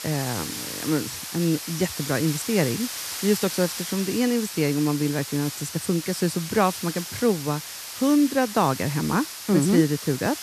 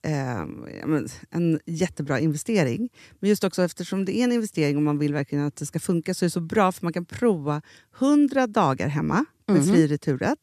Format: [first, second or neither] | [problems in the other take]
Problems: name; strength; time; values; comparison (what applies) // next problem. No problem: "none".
second | hiss; loud; throughout; 7 dB below the speech